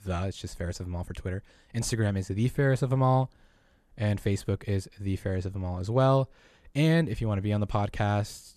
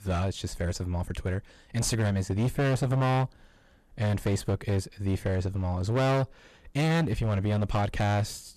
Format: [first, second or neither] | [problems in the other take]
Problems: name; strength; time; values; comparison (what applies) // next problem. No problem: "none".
first | distortion; heavy; 16% of the sound clipped